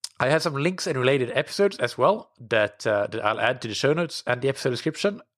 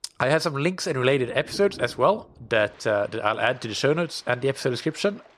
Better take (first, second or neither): first